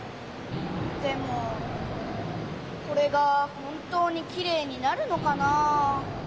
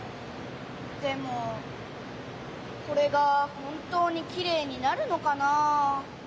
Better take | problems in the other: second | background sound (Wild animals); 8 dB below the speech

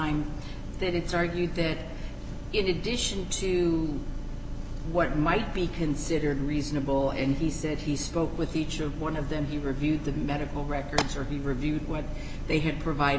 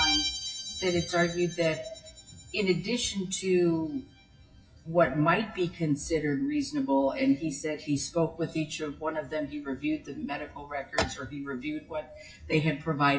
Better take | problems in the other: first | noise reduction (classical method WPE with log-MMSE)

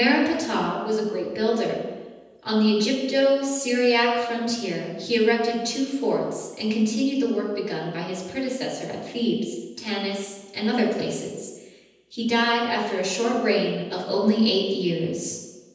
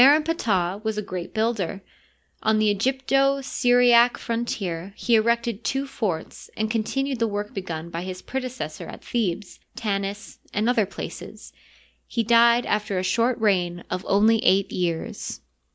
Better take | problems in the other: second | room echo; dies away in 1.1 s

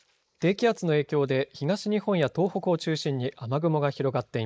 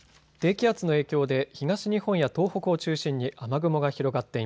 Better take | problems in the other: second | noise reduction (neural mask model Resemble Enhance denoiser)

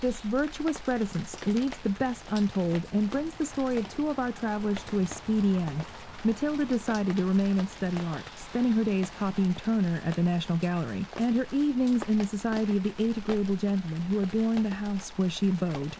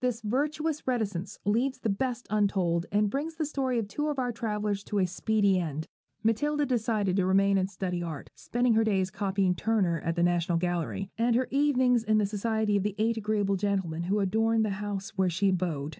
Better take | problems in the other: second | background sound (Rain); 15 dB below the speech

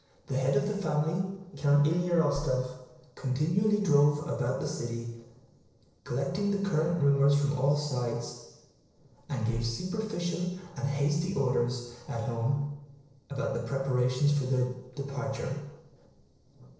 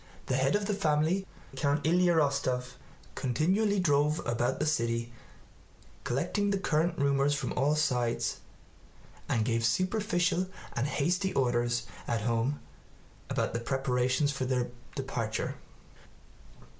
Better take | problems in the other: second | noise reduction (neural separator model SepFormer DNS4)

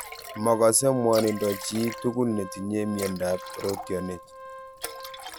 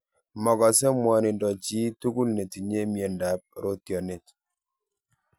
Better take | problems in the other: second | background sound (Liquid + Organ); 12 dB below the speech

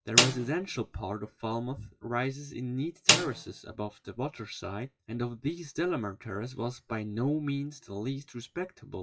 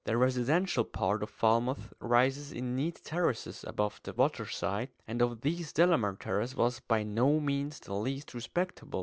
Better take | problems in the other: second | noise reduction (classical method WPE with log-MMSE)

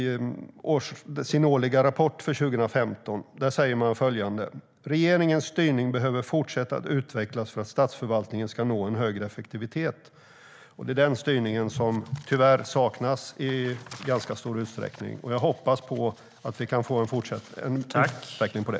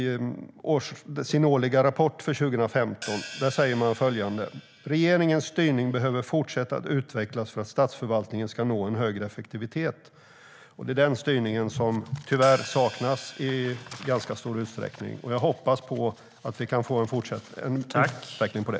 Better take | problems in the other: first | background sound (Hi-hat); 17 dB below the speech

